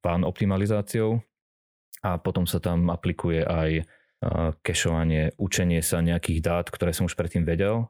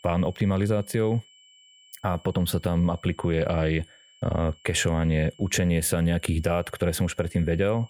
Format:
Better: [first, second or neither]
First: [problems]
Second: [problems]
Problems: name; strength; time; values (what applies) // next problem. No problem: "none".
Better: first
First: none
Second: high-pitched whine; faint; throughout; 3 kHz, 25 dB below the speech